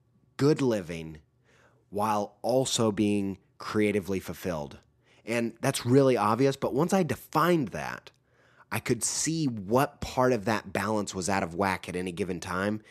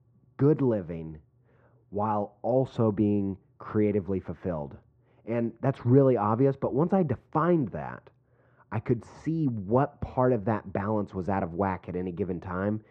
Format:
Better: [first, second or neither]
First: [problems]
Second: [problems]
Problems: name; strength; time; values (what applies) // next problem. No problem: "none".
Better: first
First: none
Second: muffled; very; fading above 1 kHz